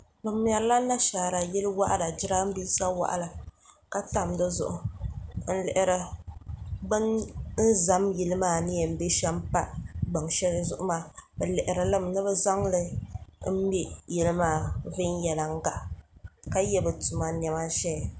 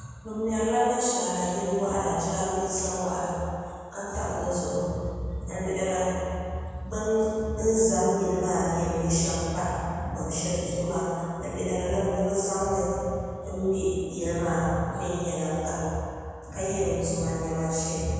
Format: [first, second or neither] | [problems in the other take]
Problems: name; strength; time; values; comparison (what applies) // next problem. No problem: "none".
first | room echo; dies away in 2.1 s